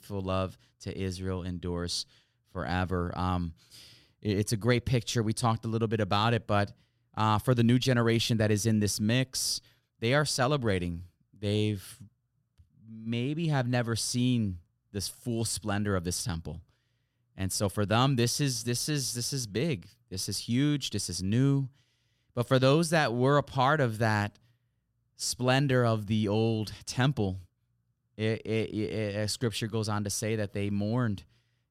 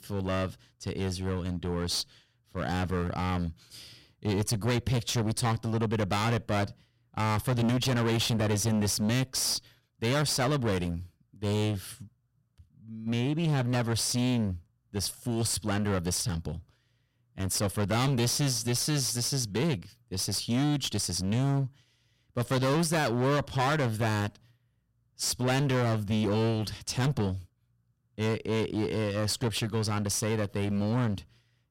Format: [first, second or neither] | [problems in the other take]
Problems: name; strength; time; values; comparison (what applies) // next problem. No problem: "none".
first | distortion; heavy; 16% of the sound clipped